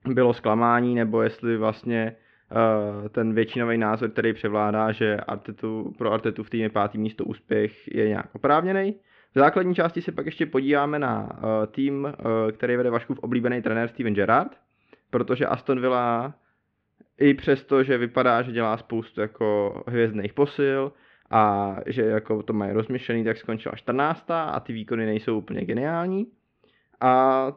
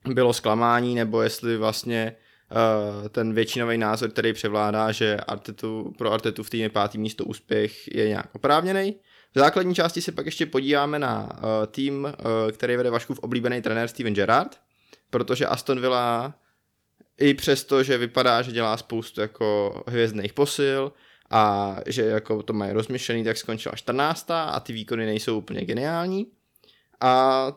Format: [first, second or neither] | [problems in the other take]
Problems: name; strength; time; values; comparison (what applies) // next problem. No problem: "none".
second | muffled; very; fading above 2.5 kHz